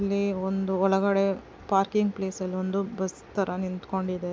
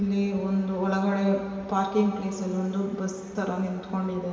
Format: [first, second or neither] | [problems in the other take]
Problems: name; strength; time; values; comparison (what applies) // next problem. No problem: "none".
first | room echo; dies away in 2.7 s